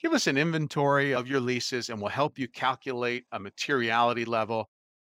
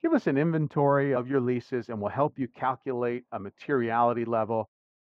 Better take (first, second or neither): first